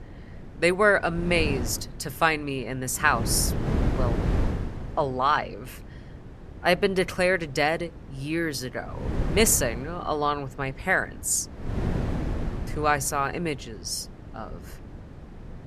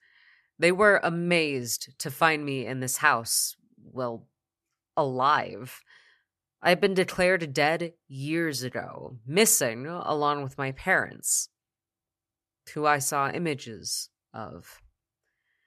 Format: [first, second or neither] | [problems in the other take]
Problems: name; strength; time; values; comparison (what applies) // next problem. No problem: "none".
second | wind noise on the microphone; occasional gusts; 15 dB below the speech